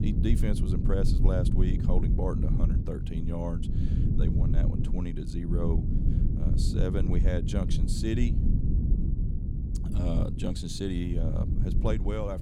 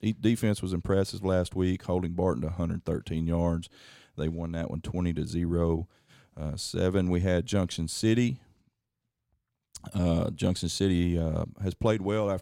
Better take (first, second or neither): second